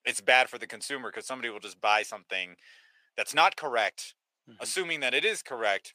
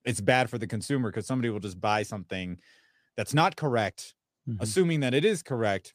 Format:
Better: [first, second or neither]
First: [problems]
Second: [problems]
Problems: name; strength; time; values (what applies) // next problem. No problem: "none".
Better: second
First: thin; very; fading below 750 Hz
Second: none